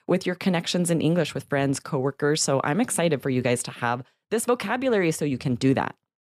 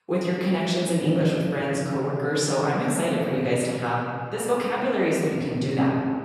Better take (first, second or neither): first